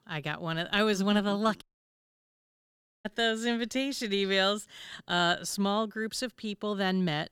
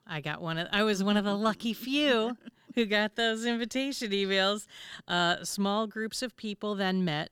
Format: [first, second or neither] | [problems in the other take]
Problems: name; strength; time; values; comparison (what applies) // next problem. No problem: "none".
second | audio cutting out; at 1.5 s for 1.5 s